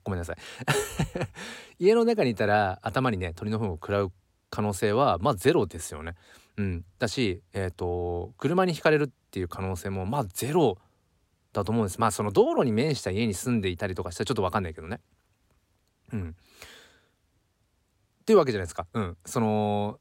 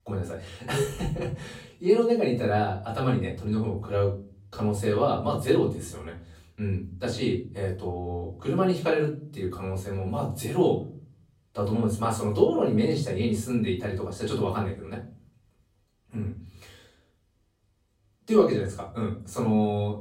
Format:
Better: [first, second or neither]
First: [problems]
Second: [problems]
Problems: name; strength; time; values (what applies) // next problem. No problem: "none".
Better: first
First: none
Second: off-mic speech; far // room echo; slight; dies away in 0.4 s